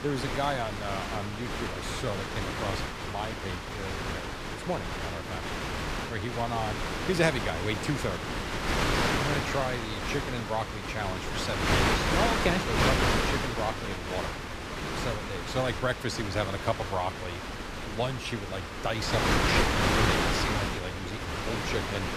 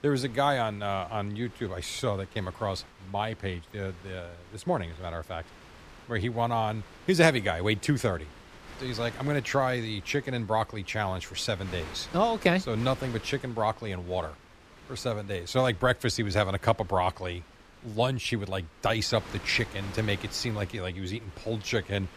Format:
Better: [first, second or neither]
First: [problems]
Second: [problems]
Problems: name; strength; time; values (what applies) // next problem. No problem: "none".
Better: second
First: wind noise on the microphone; heavy; 3 dB above the speech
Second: wind noise on the microphone; occasional gusts; 20 dB below the speech